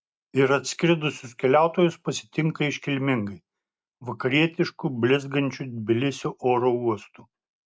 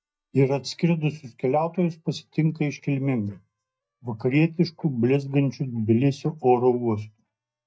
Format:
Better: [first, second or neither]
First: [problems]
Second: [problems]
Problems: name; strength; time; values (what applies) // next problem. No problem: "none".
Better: first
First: none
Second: noise reduction (neural mask model DeepFilterNet 3)